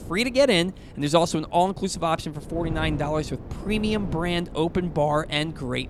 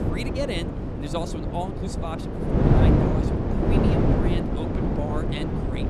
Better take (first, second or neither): first